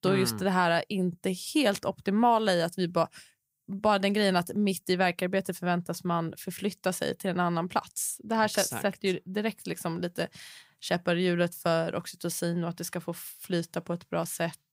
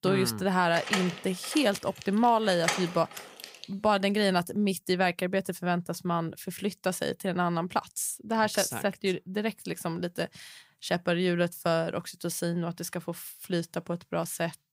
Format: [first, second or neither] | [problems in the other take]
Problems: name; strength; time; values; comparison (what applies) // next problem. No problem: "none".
first | door banging; noticeable; from 0.5 to 3.5 s; peak 1 dB below the speech